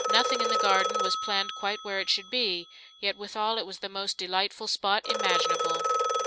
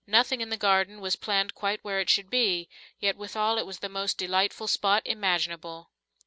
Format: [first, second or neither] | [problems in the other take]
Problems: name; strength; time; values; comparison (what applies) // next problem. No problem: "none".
second | background sound (Telephone); 1 dB below the speech